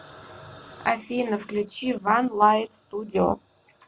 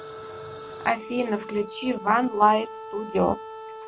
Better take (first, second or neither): first